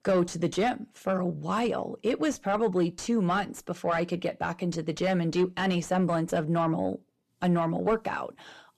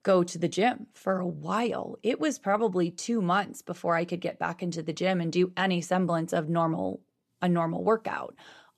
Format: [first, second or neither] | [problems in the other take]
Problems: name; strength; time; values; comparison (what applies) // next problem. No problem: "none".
second | distortion; slight; 10 dB below the speech